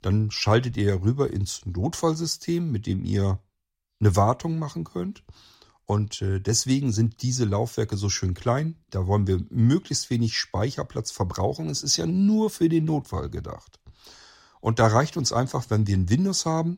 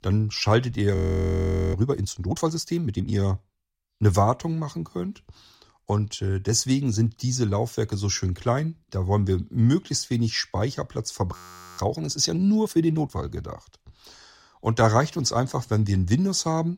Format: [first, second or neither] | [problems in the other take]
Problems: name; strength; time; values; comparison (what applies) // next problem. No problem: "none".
first | audio freezing; at 1 s for 1 s and at 11 s